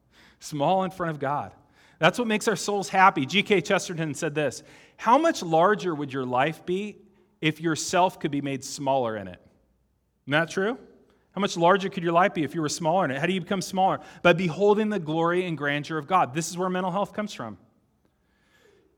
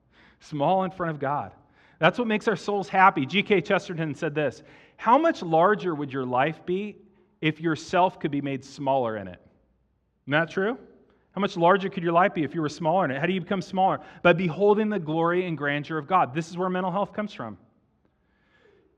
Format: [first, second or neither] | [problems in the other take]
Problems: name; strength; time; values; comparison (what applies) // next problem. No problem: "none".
first | muffled; slightly; fading above 3 kHz